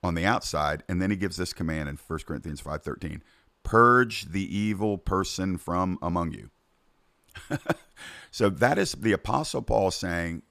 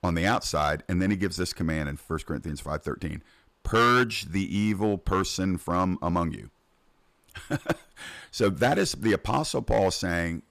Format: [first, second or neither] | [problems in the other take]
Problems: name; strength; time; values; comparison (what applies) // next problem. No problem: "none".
first | distortion; slight; 3% of the sound clipped